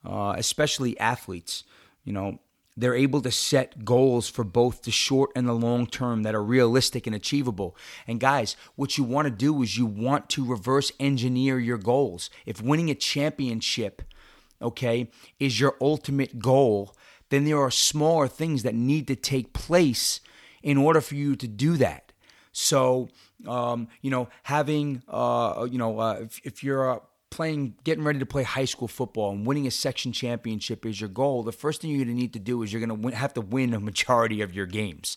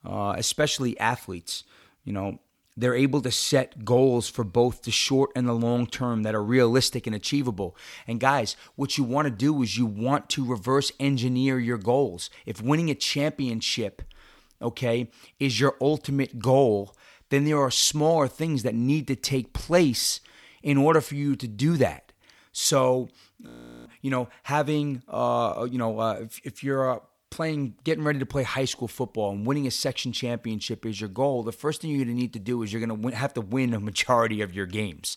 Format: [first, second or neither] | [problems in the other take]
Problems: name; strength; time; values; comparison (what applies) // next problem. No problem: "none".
first | audio freezing; at 23 s